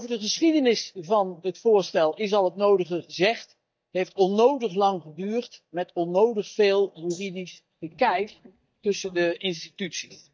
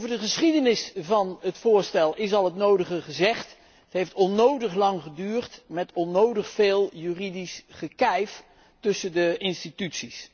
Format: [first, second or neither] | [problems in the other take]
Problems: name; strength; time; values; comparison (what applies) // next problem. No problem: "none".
second | noise reduction (neural mask model DeepFilterNet 3)